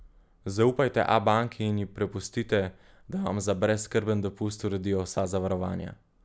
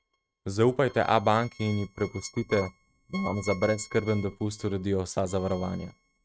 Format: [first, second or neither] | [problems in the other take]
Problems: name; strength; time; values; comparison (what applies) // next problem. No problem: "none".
first | noise reduction (neural mask model RNNoise)